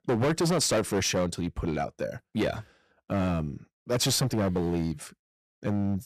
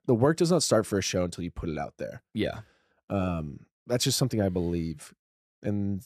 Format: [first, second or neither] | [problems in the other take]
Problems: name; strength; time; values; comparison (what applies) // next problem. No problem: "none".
second | distortion; heavy; 11% of the sound clipped